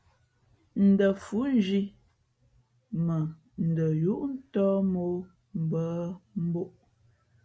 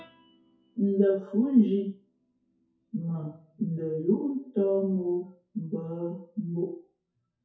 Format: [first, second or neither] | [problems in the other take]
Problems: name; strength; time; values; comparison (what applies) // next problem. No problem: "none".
first | noise reduction (classical method WPE with log-MMSE)